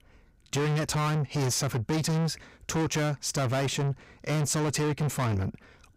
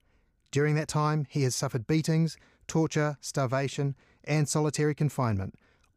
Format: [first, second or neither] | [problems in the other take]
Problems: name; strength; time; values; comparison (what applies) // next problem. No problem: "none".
second | distortion; heavy; 7 dB below the speech